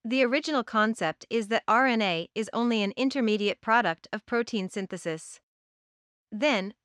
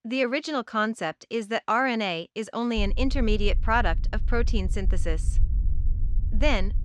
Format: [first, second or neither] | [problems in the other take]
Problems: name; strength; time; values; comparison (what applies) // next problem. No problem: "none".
first | low rumble; faint; from 3 s on; 25 dB below the speech